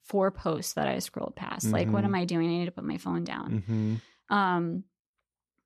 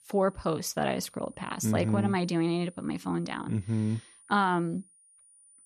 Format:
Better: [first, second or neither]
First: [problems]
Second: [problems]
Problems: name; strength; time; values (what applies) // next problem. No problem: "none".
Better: first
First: none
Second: high-pitched whine; faint; throughout; 9.5 kHz, 25 dB below the speech